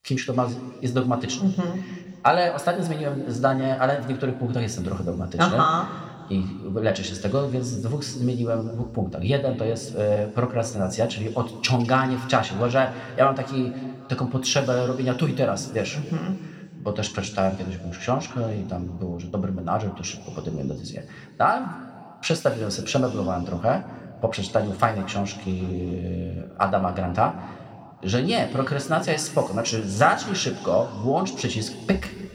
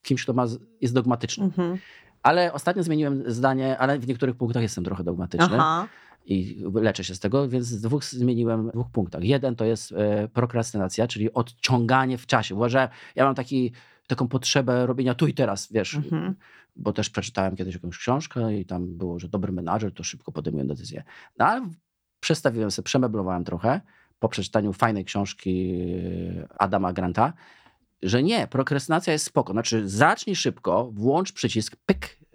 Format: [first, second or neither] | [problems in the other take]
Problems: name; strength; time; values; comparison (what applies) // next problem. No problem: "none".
second | room echo; slight; dies away in 1.9 s